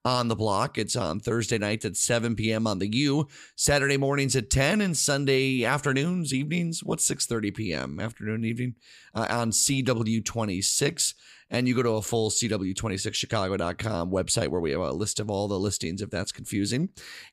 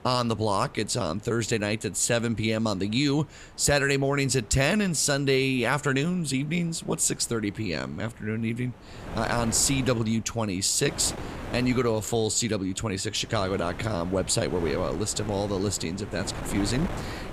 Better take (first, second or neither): first